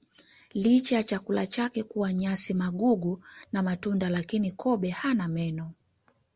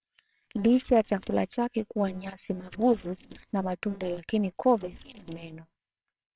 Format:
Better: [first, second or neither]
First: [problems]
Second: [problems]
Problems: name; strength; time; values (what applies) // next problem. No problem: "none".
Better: first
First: none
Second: noise reduction (neural separator model SepFormer WHAMR!)